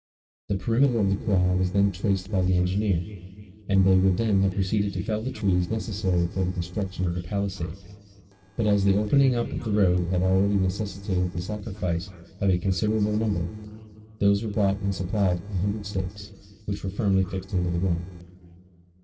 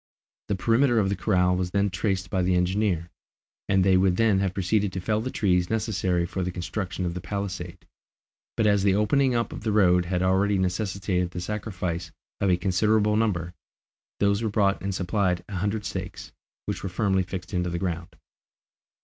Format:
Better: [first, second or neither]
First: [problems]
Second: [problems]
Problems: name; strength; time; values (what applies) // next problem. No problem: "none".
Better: second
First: noise reduction (neural separator model SepFormer DNS4)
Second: none